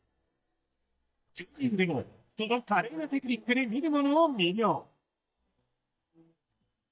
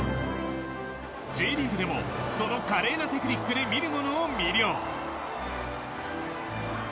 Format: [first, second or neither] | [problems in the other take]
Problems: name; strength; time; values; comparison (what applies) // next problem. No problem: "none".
second | noise reduction (neural mask model DeepFilterNet 3)